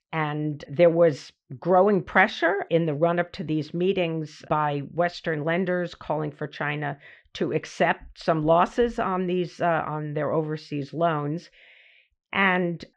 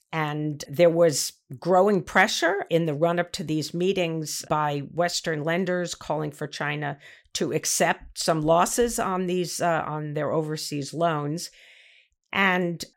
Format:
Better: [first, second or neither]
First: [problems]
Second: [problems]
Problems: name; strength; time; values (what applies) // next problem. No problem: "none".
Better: second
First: muffled; very; fading above 3 kHz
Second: none